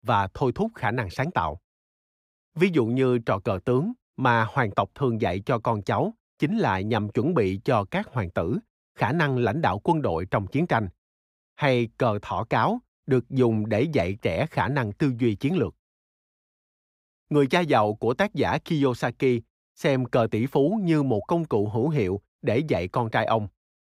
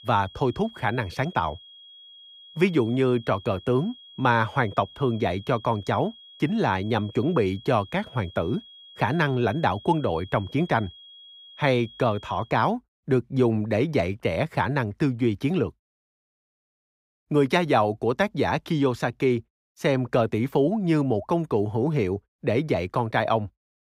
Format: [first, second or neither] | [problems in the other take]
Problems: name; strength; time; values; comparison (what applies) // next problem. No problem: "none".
first | high-pitched whine; faint; until 12 s; 3.5 kHz, 20 dB below the speech